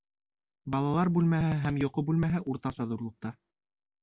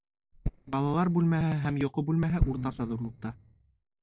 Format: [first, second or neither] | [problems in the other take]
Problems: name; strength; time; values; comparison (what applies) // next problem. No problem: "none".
first | noise reduction (neural separator model SepFormer DNS4)